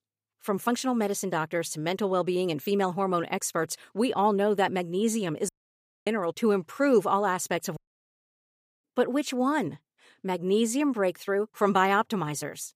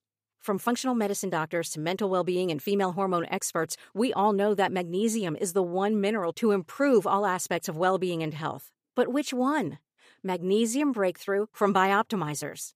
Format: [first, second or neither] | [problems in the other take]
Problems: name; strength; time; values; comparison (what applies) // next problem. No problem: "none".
second | audio cutting out; at 5.5 s for 0.5 s and at 8 s for 1 s